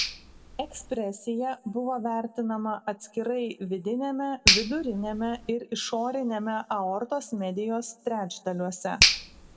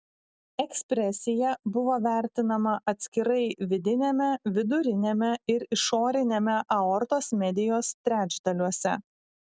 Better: second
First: background sound (Finger snapping); 2 dB below the speech // room echo; dies away in 1.3 s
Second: none

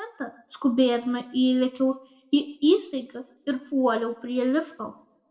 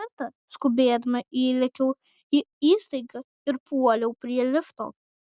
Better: second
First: room echo; dies away in 0.5 s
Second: none

